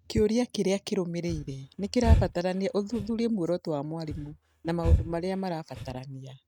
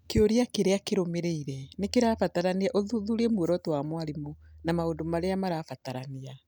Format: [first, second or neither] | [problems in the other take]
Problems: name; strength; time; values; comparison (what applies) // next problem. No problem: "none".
second | noise reduction (neural mask model RNNoise)